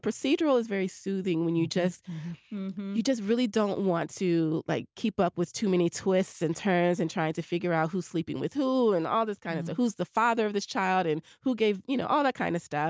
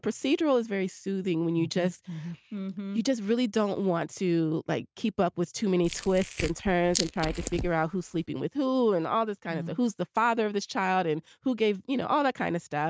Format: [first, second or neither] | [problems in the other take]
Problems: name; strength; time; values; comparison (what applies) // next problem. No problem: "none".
first | noise reduction (neural mask model RNNoise)